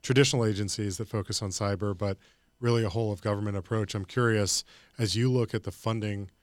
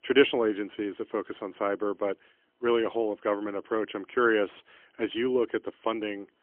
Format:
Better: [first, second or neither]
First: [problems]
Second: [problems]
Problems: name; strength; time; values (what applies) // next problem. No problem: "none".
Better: first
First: none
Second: phone-call audio; poor line; nothing above 3 kHz